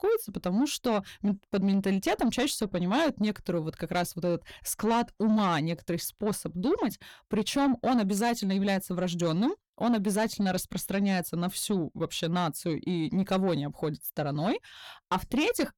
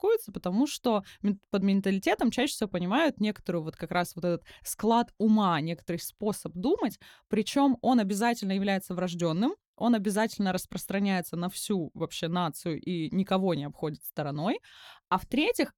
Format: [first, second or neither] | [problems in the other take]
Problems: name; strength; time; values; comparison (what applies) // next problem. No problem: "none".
second | distortion; slight; 10 dB below the speech